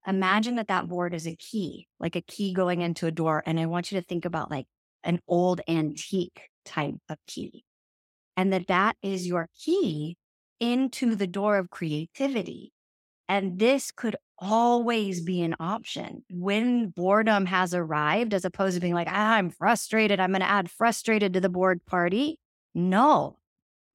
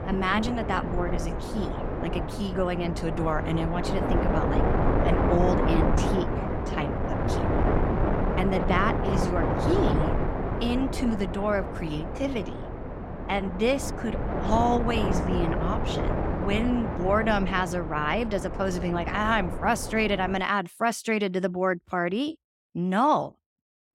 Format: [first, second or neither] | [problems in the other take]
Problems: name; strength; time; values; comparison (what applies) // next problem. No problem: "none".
first | wind noise on the microphone; heavy; until 20 s; 3 dB below the speech